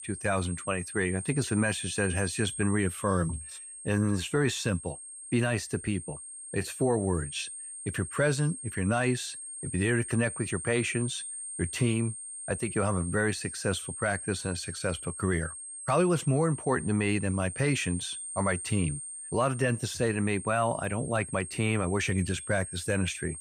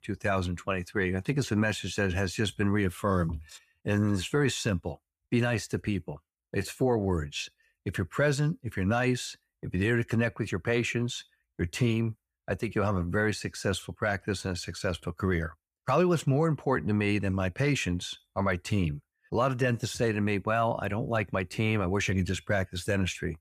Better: second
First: high-pitched whine; loud; throughout; 8.5 kHz, 8 dB below the speech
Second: none

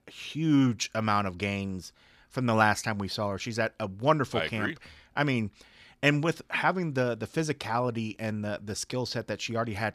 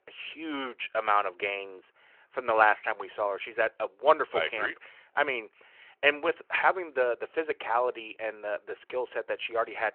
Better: first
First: none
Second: phone-call audio

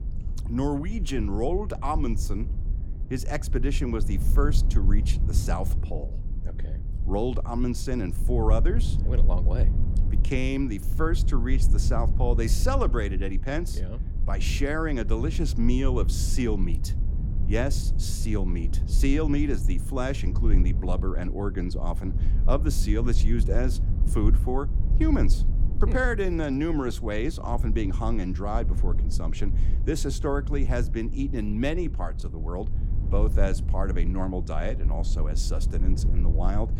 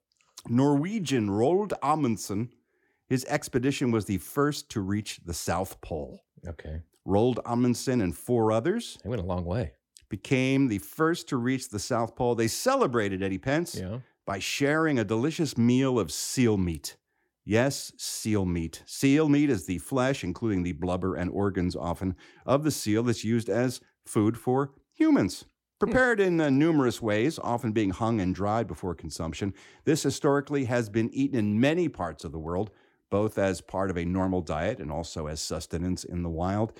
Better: second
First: low rumble; noticeable; throughout; 15 dB below the speech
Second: none

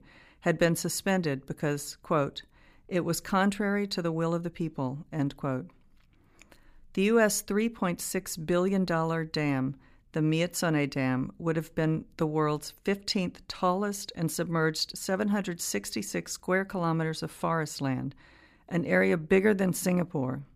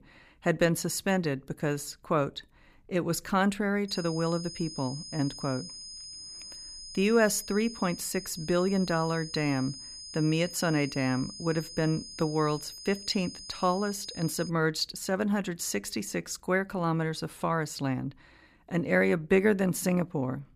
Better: first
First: none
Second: high-pitched whine; noticeable; from 4 to 14 s; 5 kHz, 10 dB below the speech

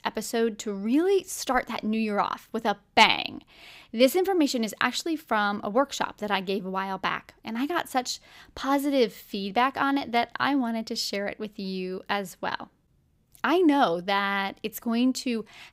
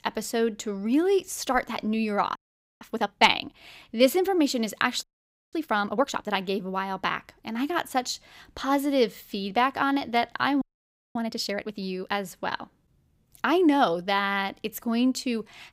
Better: first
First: none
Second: audio freezing; at 2.5 s, at 5 s for 0.5 s and at 11 s for 0.5 s

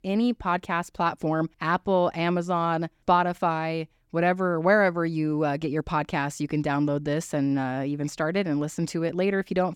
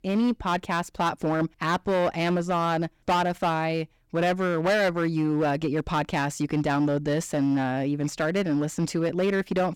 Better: first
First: none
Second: distortion; slight; 10% of the sound clipped

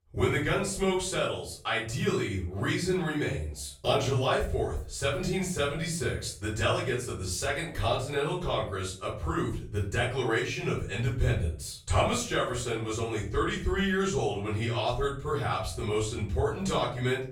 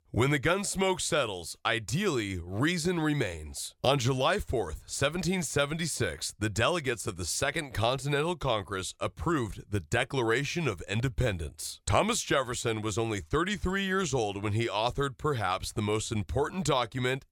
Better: second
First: room echo; slight; dies away in 0.4 s // off-mic speech; far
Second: none

